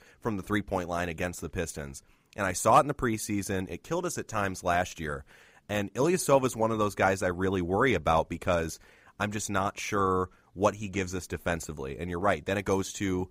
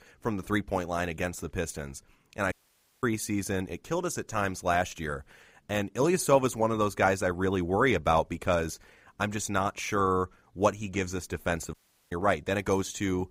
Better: first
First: none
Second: audio cutting out; at 2.5 s for 0.5 s and at 12 s

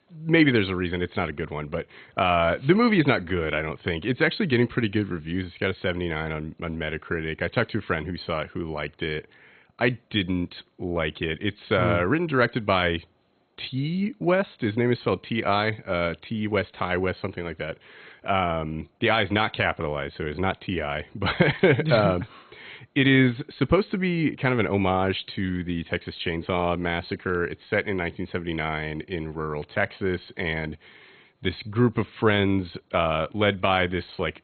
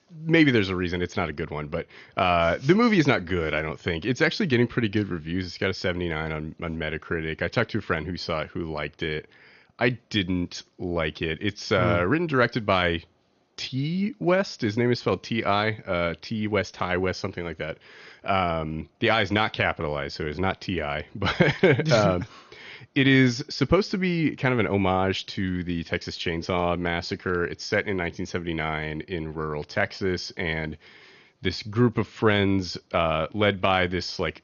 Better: second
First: garbled, watery; badly; nothing above 4 kHz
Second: garbled, watery; slightly; nothing above 6.5 kHz

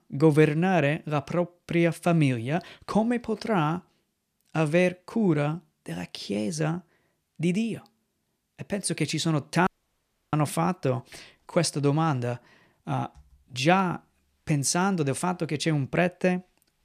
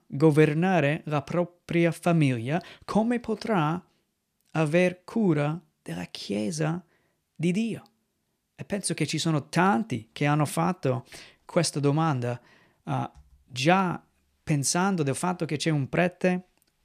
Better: second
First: audio cutting out; at 9.5 s for 0.5 s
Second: none

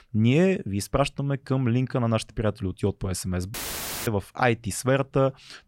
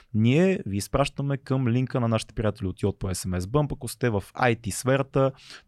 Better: second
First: audio cutting out; filled with static; at 3.5 s for 0.5 s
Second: none

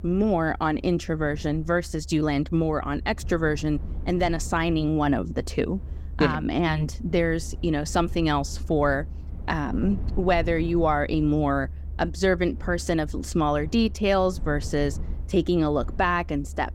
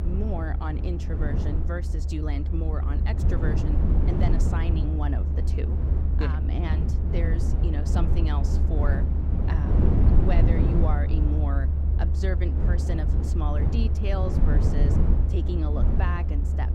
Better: first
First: low rumble; faint; throughout; 25 dB below the speech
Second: low rumble; loud; throughout; 1 dB below the speech

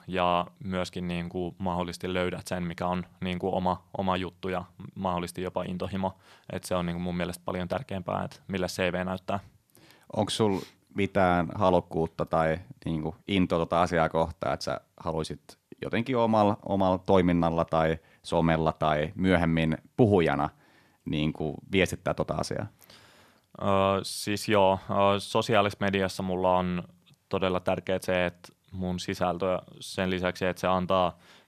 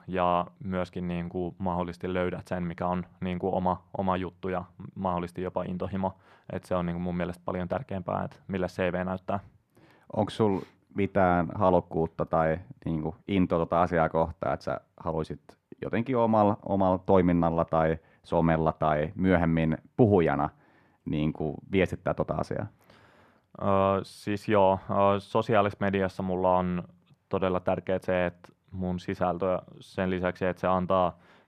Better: first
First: none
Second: muffled; slightly; fading above 3 kHz

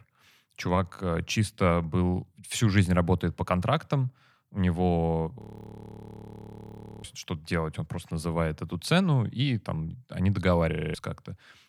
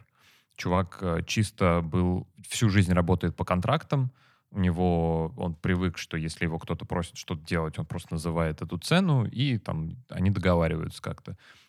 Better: second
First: audio freezing; at 5.5 s for 1.5 s and at 11 s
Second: none

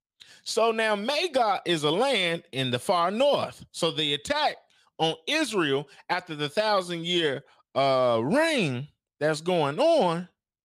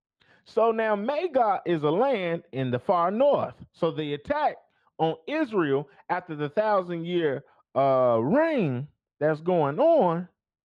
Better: first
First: none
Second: muffled; very; fading above 3.5 kHz

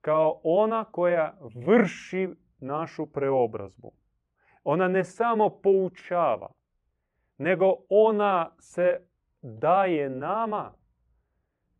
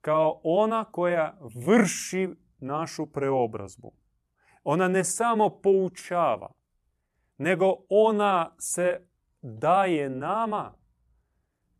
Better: second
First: muffled; very; fading above 2.5 kHz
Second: none

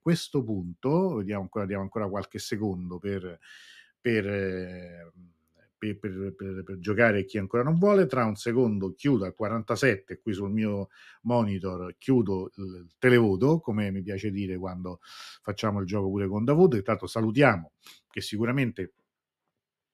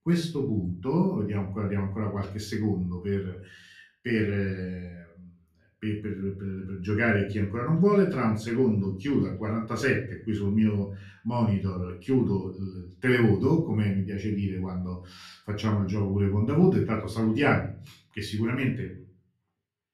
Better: first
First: none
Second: off-mic speech; far // room echo; slight; dies away in 0.4 s

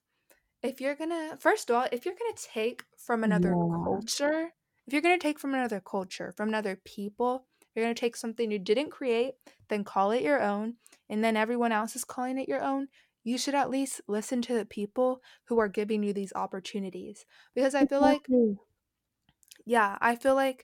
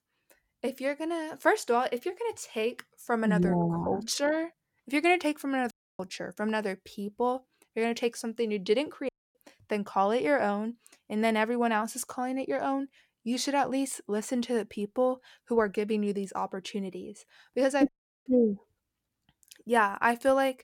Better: first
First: none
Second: audio cutting out; at 5.5 s, at 9 s and at 18 s

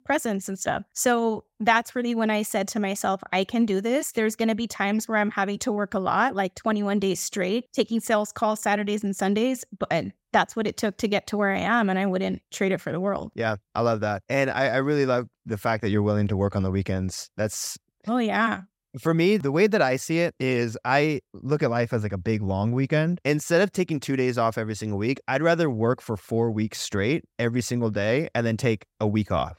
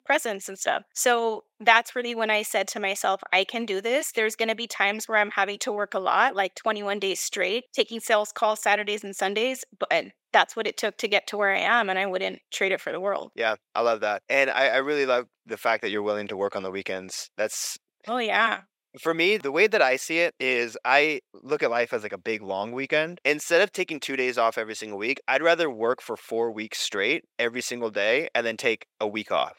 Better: first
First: none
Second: thin; somewhat; fading below 500 Hz

